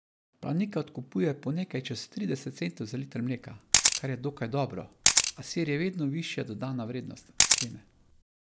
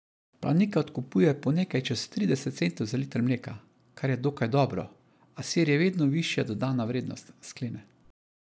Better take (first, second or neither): second